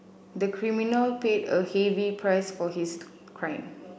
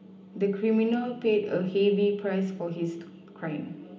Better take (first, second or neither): first